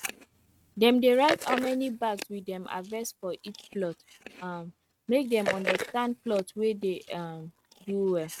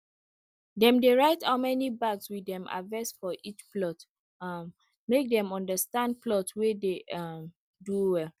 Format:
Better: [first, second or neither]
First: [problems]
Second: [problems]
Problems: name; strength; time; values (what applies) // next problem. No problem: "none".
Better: second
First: noise reduction (neural mask model RNNoise)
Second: none